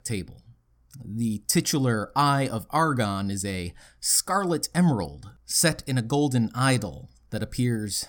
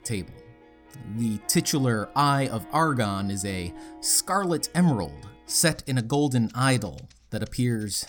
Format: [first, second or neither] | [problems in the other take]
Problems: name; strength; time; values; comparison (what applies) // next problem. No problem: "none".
first | background music; faint; throughout; 25 dB below the speech